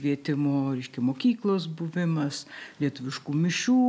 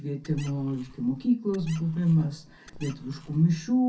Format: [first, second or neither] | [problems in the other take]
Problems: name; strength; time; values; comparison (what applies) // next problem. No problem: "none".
first | background sound (Squeak); 20 dB below the speech // room echo; dies away in 0.3 s